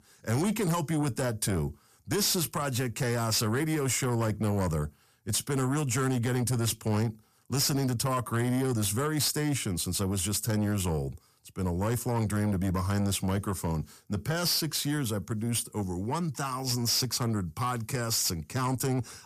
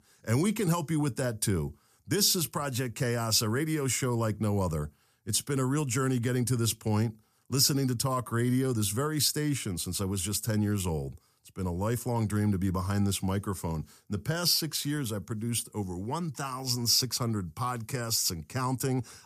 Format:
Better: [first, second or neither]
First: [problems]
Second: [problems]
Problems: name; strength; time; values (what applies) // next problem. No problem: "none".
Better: second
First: distortion; slight; 10 dB below the speech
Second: none